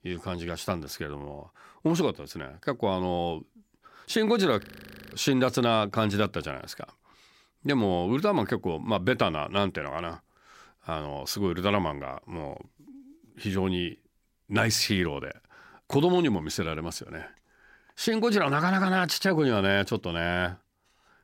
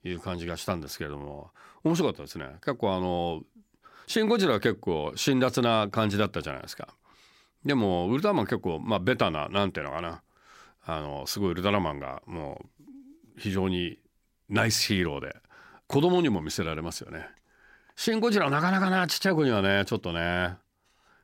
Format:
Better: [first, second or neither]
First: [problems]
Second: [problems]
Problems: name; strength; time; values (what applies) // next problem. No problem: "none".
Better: second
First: audio freezing; at 4.5 s for 0.5 s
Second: none